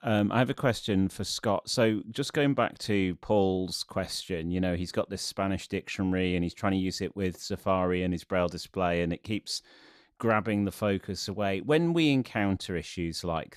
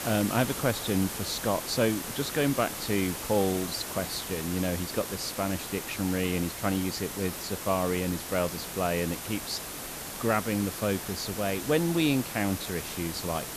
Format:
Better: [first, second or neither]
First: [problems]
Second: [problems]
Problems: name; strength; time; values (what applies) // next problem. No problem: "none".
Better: first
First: none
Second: hiss; loud; throughout; 6 dB below the speech